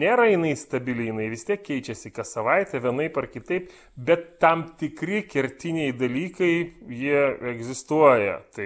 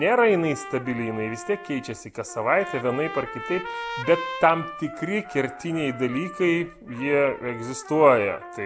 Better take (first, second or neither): first